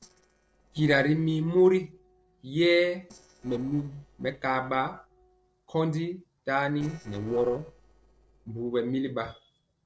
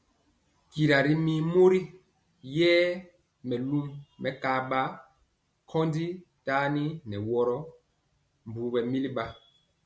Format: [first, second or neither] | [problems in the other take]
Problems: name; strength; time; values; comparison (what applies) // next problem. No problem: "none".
second | noise reduction (neural separator model SepFormer DNS4)